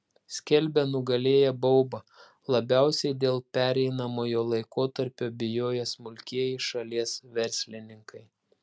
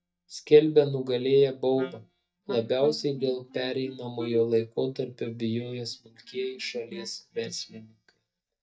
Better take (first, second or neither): first